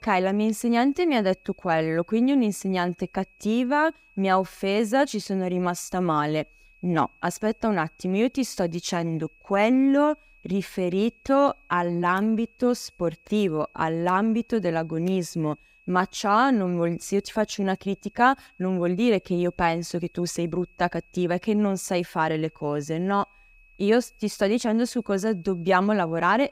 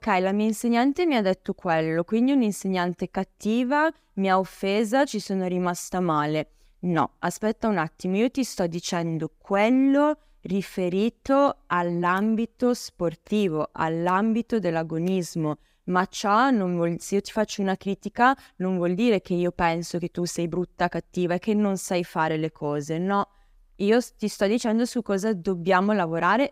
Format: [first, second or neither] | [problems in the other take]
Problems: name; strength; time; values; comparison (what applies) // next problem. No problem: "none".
second | high-pitched whine; faint; throughout; 2.5 kHz, 30 dB below the speech